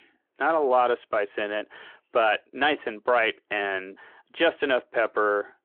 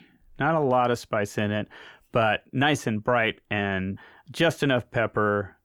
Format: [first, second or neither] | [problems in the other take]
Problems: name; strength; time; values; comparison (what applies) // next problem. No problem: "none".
second | phone-call audio; nothing above 3.5 kHz